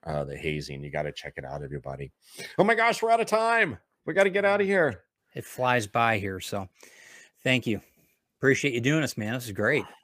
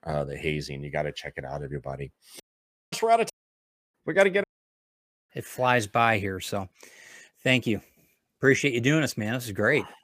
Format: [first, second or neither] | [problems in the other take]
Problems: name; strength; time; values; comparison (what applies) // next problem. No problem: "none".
first | audio cutting out; at 2.5 s for 0.5 s, at 3.5 s for 0.5 s and at 4.5 s for 1 s